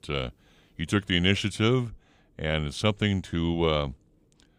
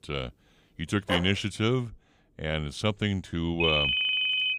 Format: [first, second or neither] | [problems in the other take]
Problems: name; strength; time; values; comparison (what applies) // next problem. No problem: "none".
first | dog barking; noticeable; at 1 s; peak 4 dB below the speech // phone ringing; loud; at 3.5 s; peak 6 dB above the speech